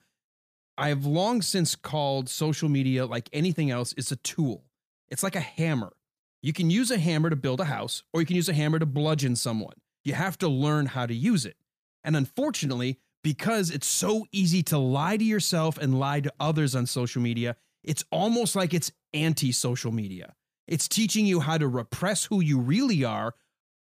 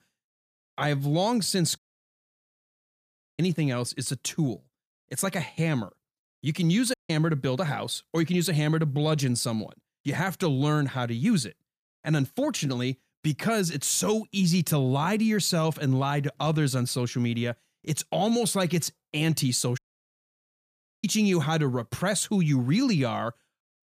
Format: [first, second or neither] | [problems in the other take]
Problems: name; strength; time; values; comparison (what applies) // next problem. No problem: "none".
first | audio cutting out; at 2 s for 1.5 s, at 7 s and at 20 s for 1.5 s